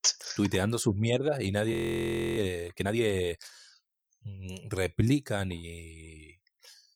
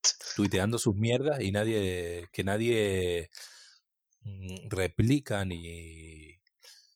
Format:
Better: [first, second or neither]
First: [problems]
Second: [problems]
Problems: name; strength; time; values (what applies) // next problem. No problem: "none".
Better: second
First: audio freezing; at 1.5 s for 0.5 s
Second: none